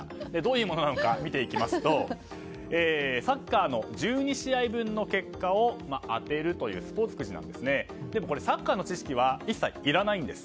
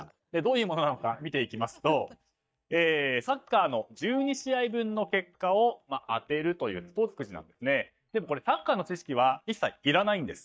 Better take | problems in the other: first | noise reduction (neural mask model DeepFilterNet 3)

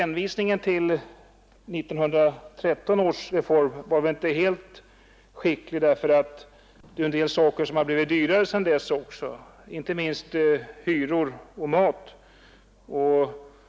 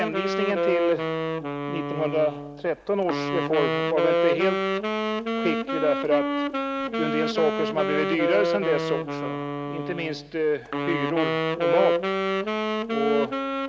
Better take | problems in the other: first | background sound (Wind instrument, woodwind instrument); 1 dB above the speech

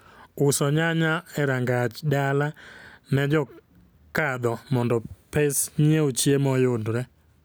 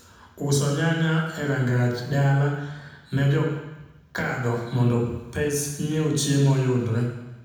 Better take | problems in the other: first | room echo; dies away in 1 s

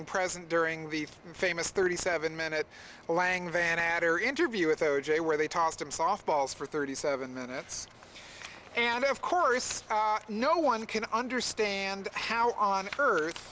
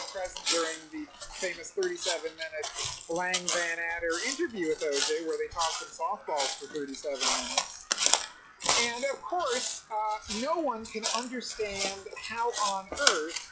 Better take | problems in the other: first | noise reduction (classical method log-MMSE)

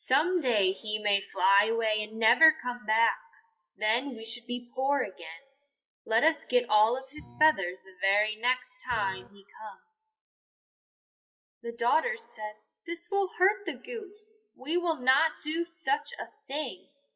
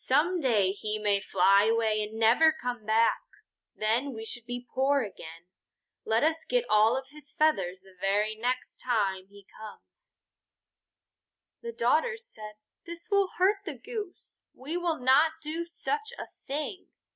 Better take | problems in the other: second | noise reduction (classical method WPE with log-MMSE)

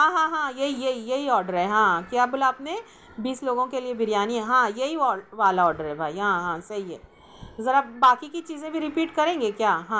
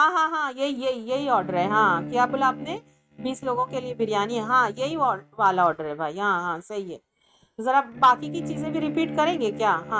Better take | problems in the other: first | noise reduction (neural mask model RNNoise)

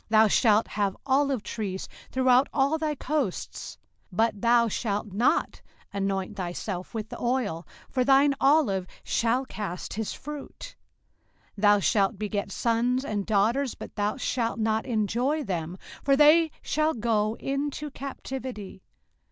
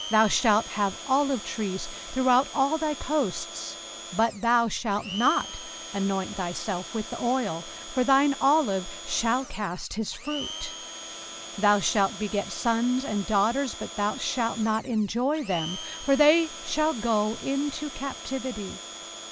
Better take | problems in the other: first | background sound (Domestic sounds, home sounds); 13 dB below the speech

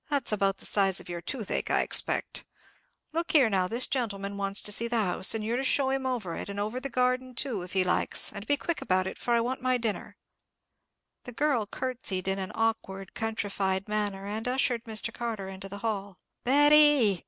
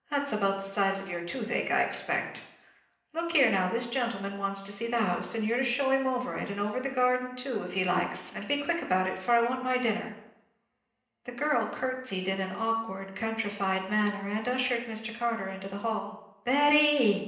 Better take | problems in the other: first | room echo; dies away in 0.8 s

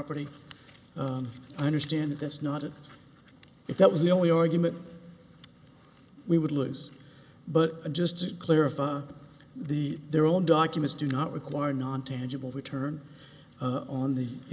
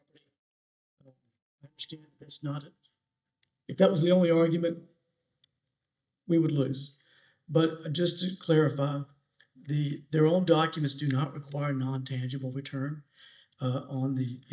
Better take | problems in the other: first | noise reduction (neural mask model DeepFilterNet 3)

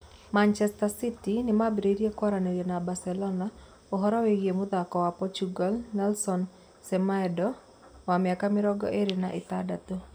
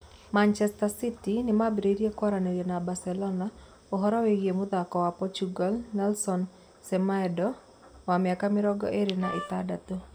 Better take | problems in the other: first | background sound (Wind instrument, woodwind instrument); 10 dB below the speech

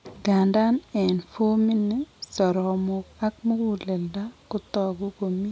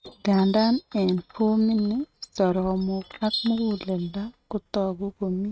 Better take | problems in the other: first | noise reduction (neural mask model RNNoise)

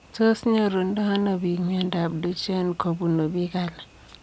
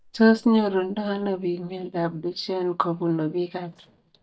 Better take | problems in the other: first | noise reduction (neural mask model DeepFilterNet 3)

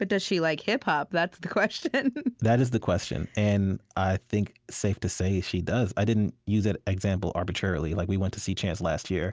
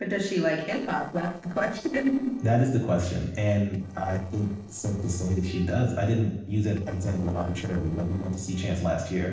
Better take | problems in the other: first | noise reduction (neural separator model SepFormer DNS4)

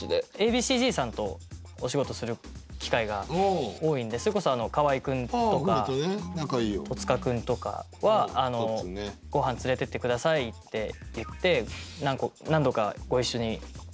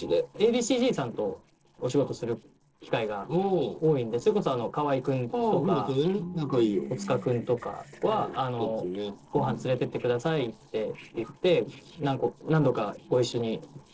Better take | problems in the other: first | noise reduction (neural separator model SepFormer DNS4)

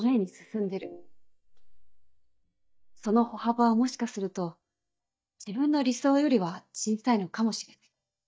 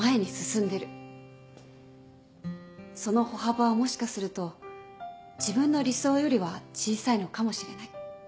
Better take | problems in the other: second | noise reduction (neural mask model DeepFilterNet 3)

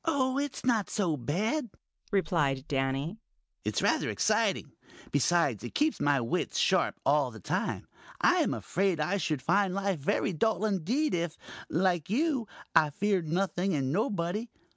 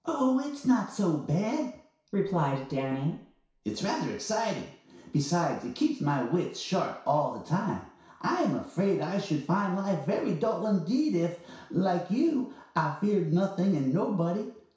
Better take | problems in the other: first | room echo; dies away in 0.6 s

